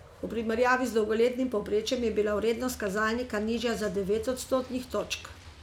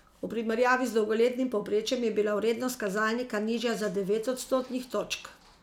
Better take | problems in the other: second | background sound (Truck); 20 dB below the speech

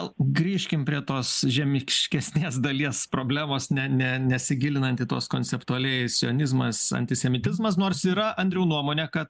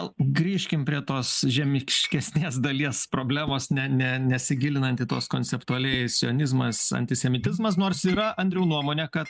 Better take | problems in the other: first | noise reduction (neural mask model RNNoise)

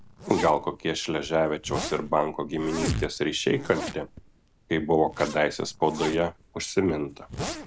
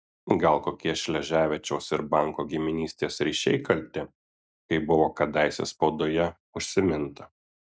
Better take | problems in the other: second | background sound (Zipper (clothing)); 10 dB below the speech

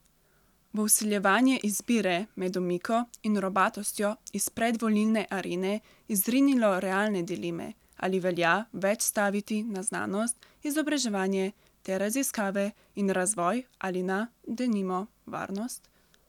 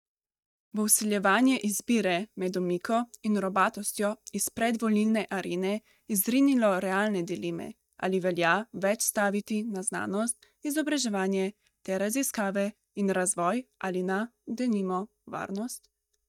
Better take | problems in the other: first | noise reduction (neural mask model DeepFilterNet 3)

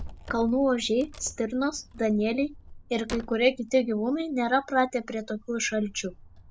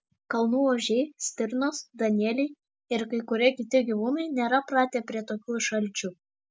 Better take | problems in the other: second | background sound (Wood); 18 dB below the speech

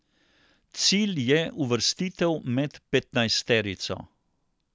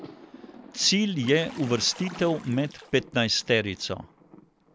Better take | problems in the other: first | background sound (Bathtub (filling or washing) / Splash, splatter + Thunder); 18 dB below the speech

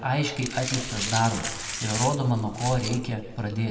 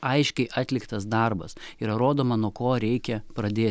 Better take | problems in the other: second | background sound (Glass); 7 dB below the speech // room echo; dies away in 1.4 s

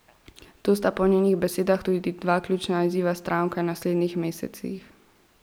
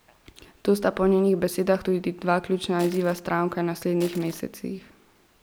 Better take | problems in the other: first | background sound (Crushing); 16 dB below the speech

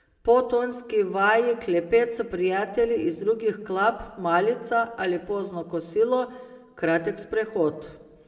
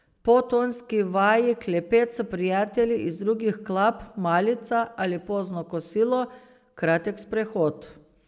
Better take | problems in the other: second | room echo; dies away in 0.7 s

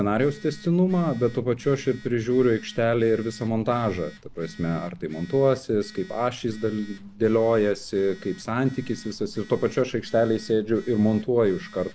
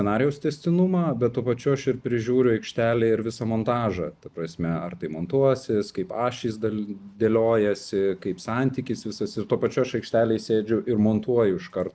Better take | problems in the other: second | background sound (Telephone); 20 dB below the speech

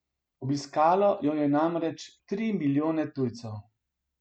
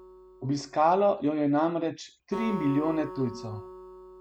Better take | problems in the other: first | background sound (Acoustic guitar); 14 dB below the speech

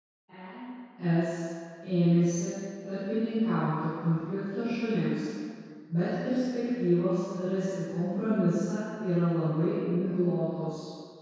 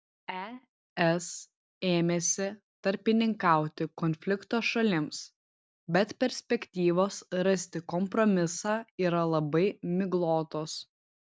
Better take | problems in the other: second | room echo; dies away in 2 s

